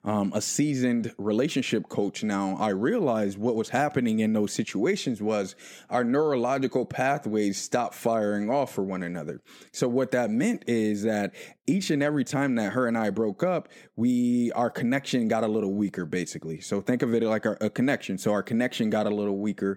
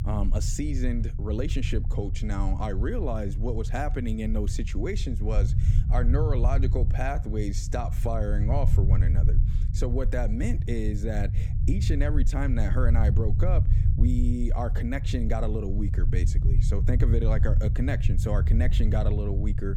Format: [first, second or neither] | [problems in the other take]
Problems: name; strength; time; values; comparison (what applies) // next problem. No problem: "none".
first | low rumble; loud; throughout; 8 dB below the speech